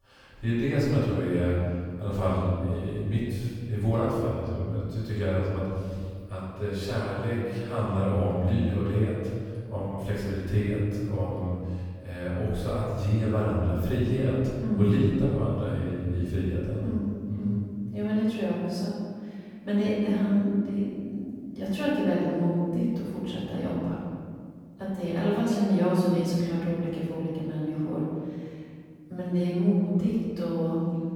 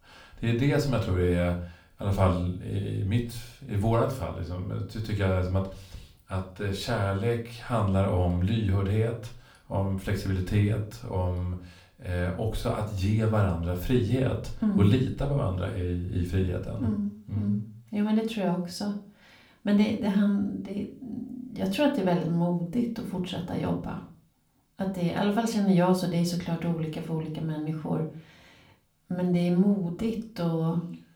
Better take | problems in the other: second | room echo; strong; dies away in 1.9 s; slight in the second // off-mic speech; far; somewhat distant in the second

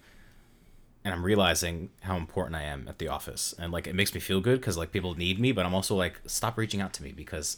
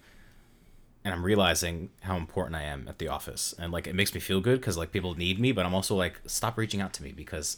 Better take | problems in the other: neither | none

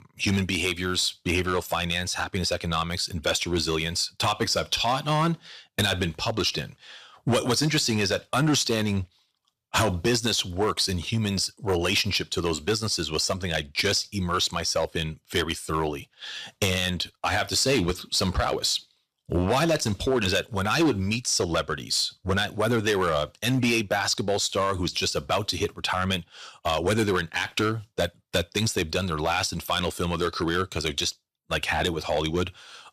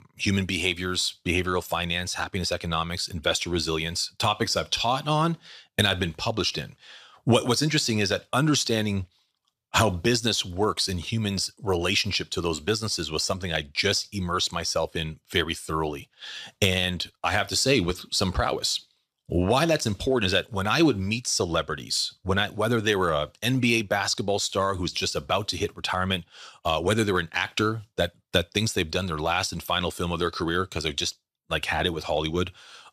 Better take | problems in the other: second | distortion; slight; 5% of the sound clipped

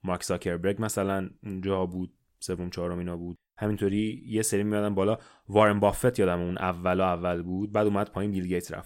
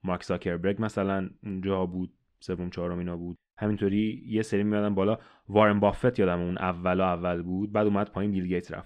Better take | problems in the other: first | muffled; slightly; fading above 3 kHz

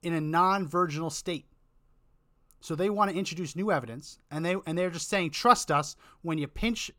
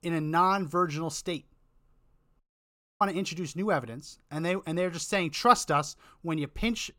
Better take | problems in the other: first | audio cutting out; at 2.5 s for 0.5 s

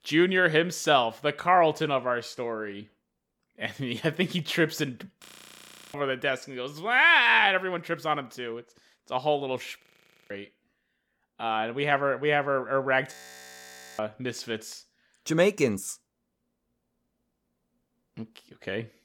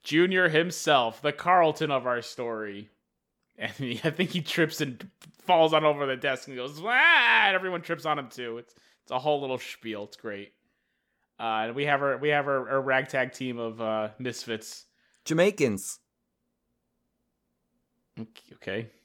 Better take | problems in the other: second | audio freezing; at 5.5 s for 0.5 s, at 10 s and at 13 s for 1 s

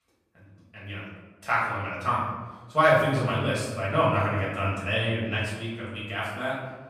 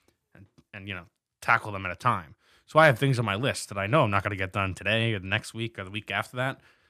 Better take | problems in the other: second | off-mic speech; far // room echo; noticeable; dies away in 1 s

